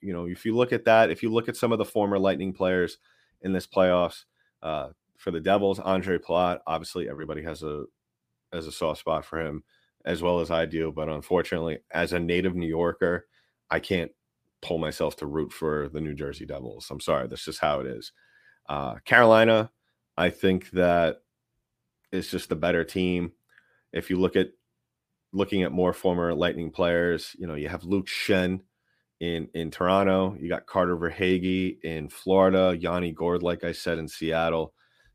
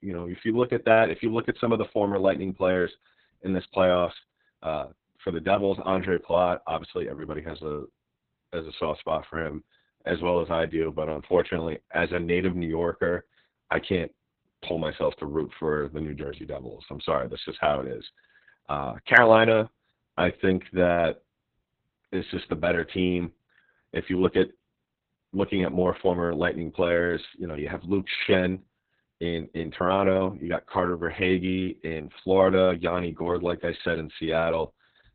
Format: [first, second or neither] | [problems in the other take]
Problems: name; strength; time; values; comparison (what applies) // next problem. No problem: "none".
first | garbled, watery; badly; nothing above 4 kHz